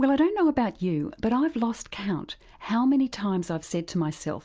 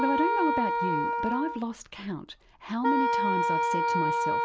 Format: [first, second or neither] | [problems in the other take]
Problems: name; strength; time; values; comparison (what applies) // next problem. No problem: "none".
first | background sound (Wind instrument, woodwind instrument); 4 dB above the speech